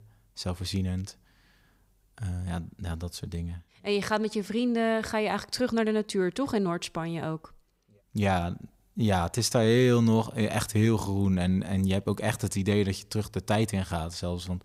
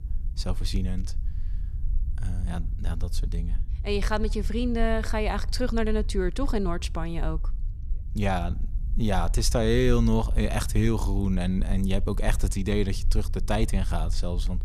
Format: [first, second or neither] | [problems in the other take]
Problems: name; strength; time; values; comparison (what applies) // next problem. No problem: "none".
first | low rumble; faint; throughout; 20 dB below the speech